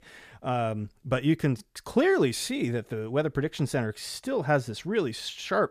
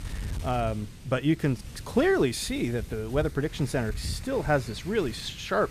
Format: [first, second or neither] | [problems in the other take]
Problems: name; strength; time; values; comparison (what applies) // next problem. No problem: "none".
first | wind noise on the microphone; occasional gusts; 20 dB below the speech